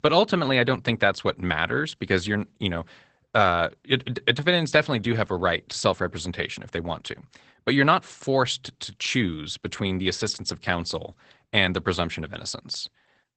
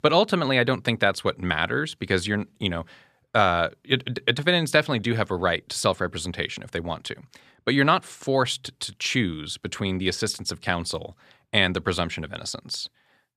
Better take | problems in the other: second | garbled, watery; badly; nothing above 8 kHz

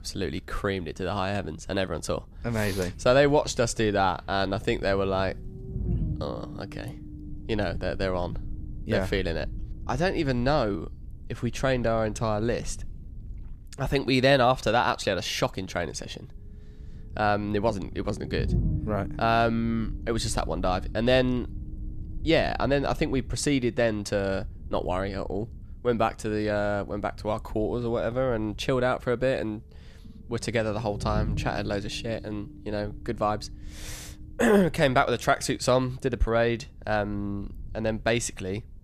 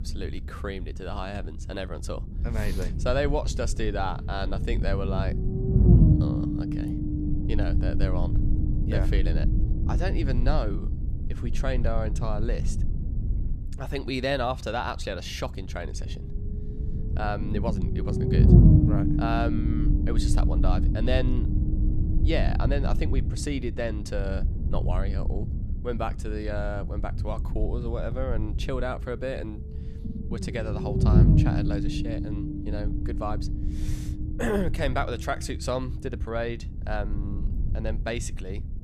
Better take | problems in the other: first | low rumble; loud; throughout; 4 dB below the speech; faint in the first

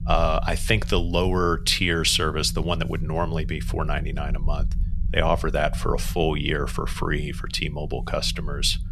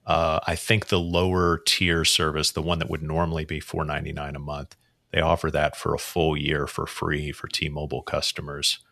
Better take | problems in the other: second | low rumble; faint; throughout; 20 dB below the speech

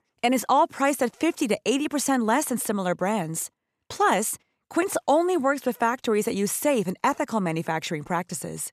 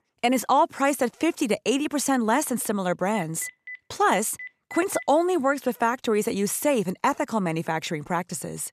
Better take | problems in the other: first | phone ringing; faint; from 3 to 5 s; peak 15 dB below the speech

